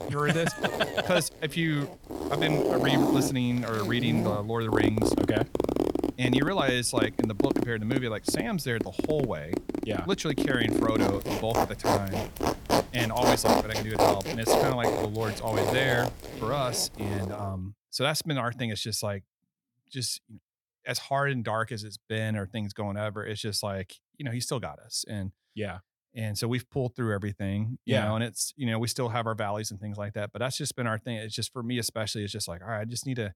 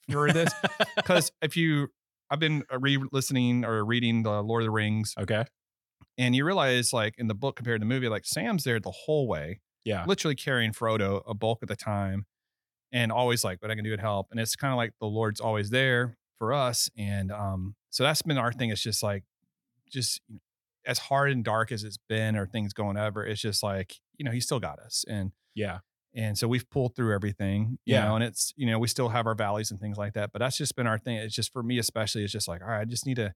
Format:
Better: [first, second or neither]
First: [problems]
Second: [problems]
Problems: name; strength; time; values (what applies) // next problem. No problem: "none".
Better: second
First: household noises; very loud; until 17 s; 1 dB above the speech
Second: none